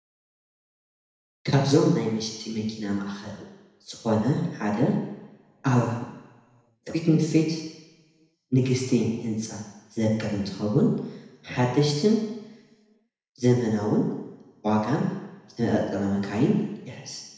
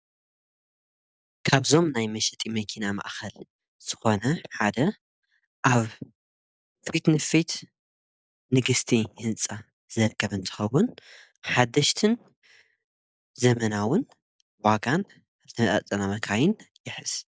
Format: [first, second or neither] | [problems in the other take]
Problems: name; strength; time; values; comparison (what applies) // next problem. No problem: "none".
second | room echo; dies away in 1 s